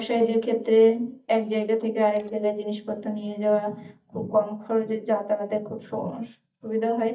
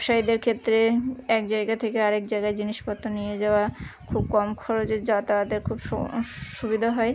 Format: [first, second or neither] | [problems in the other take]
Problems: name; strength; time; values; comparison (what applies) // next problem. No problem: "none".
second | noise reduction (neural mask model DeepFilterNet 3)